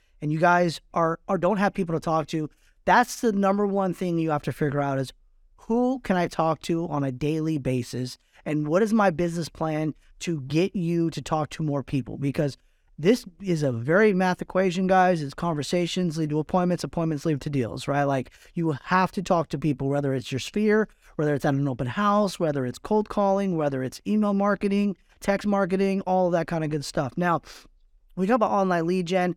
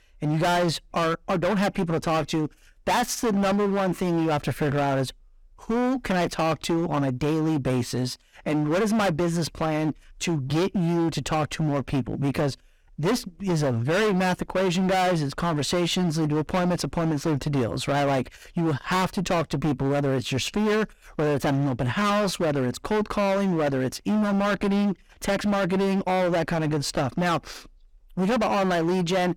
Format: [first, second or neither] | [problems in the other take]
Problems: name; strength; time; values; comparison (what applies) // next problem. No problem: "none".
first | distortion; heavy; 24% of the sound clipped